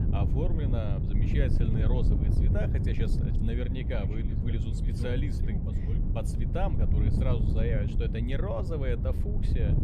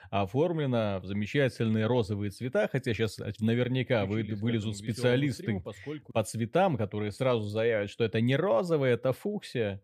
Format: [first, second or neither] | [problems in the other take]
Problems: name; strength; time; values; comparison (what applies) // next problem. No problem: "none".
second | wind noise on the microphone; heavy; 3 dB below the speech